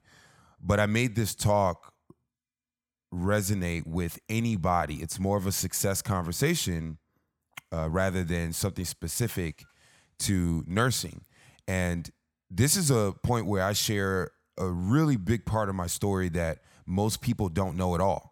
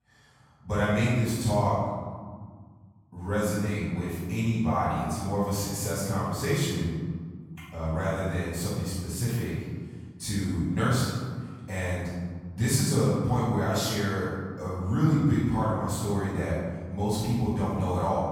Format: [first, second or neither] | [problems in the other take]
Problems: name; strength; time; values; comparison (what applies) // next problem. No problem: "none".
first | room echo; strong; dies away in 1.7 s // off-mic speech; far